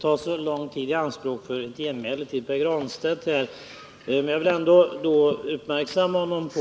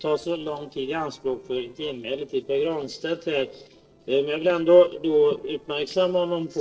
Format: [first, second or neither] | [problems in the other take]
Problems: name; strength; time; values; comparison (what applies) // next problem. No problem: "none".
first | noise reduction (neural separator model SepFormer DNS4)